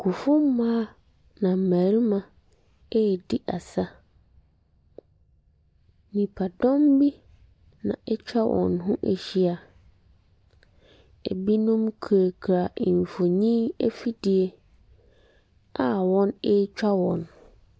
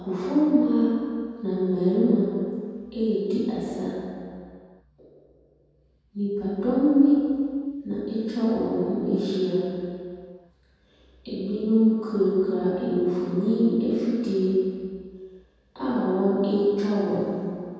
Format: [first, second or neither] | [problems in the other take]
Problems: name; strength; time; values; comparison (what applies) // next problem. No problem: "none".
first | room echo; dies away in 2 s